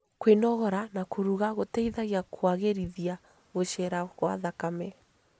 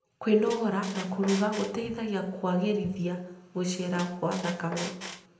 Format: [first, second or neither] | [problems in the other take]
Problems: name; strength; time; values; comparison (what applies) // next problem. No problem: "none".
first | background sound (Squeak); 11 dB below the speech // room echo; dies away in 0.7 s